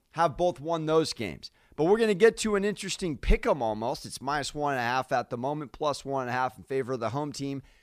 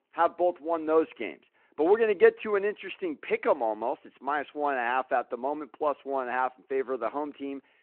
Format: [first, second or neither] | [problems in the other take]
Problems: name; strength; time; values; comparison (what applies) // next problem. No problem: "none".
first | phone-call audio